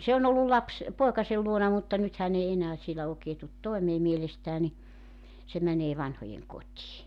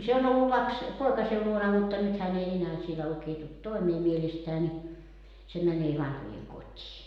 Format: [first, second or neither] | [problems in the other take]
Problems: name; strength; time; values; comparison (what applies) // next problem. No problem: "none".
first | room echo; dies away in 0.9 s